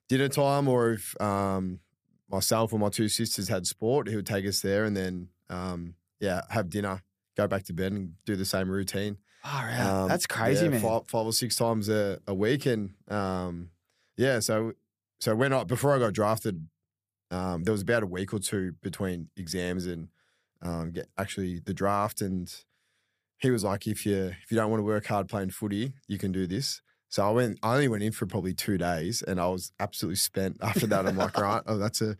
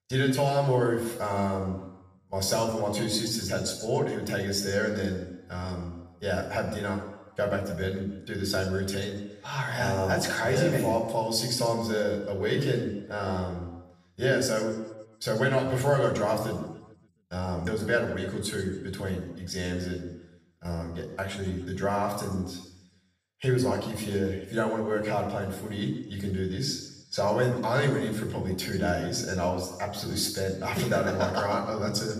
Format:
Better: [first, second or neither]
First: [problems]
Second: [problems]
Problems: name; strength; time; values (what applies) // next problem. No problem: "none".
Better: first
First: none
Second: room echo; noticeable; dies away in 0.9 s // off-mic speech; far